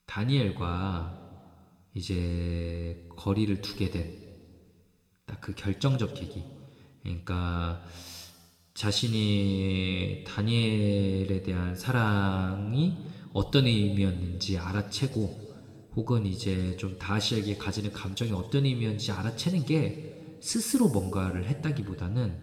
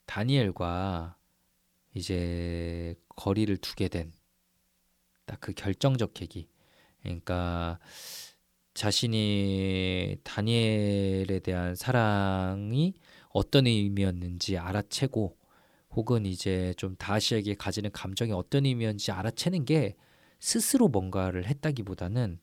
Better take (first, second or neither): second